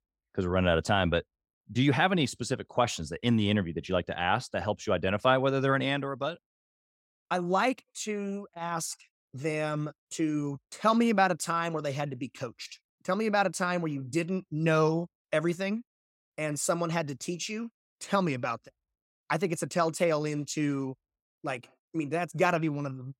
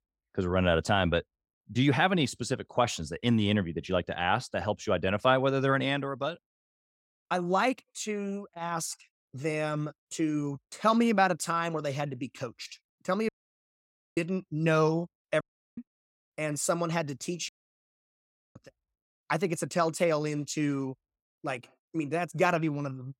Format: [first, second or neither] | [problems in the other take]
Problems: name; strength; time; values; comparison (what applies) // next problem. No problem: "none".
first | audio cutting out; at 13 s for 1 s, at 15 s and at 17 s for 1 s